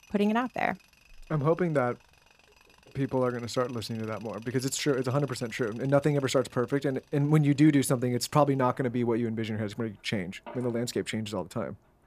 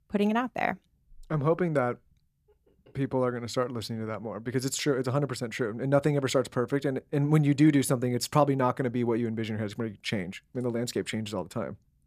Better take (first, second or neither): second